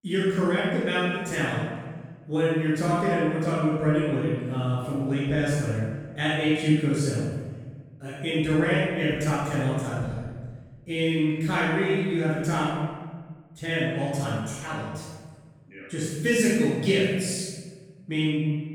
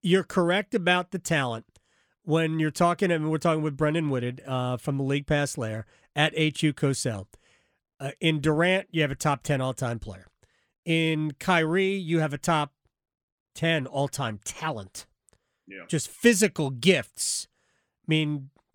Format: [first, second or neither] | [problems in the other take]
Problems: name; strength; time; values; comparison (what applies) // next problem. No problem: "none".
second | off-mic speech; far // room echo; strong; dies away in 1.4 s